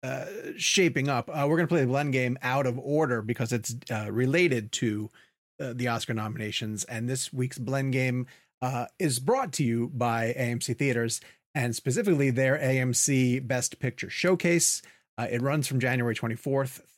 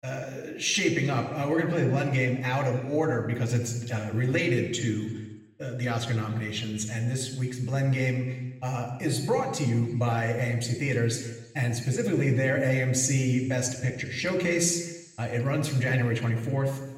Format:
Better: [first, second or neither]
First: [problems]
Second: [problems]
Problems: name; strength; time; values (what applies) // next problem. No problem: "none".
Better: first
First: none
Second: room echo; noticeable; dies away in 1.1 s // off-mic speech; somewhat distant